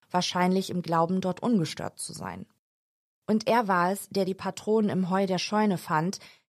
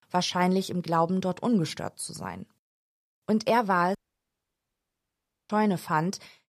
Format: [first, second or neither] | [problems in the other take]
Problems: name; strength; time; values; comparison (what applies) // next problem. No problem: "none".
first | audio cutting out; at 4 s for 1.5 s